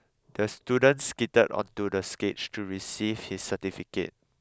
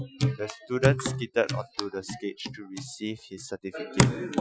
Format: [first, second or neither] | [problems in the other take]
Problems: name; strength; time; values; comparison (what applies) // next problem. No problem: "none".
first | noise reduction (classical method Wiener filter)